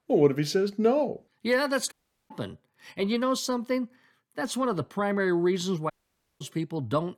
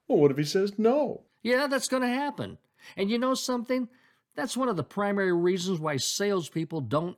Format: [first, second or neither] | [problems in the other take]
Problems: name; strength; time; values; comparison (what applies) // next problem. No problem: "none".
second | audio cutting out; at 2 s and at 6 s for 0.5 s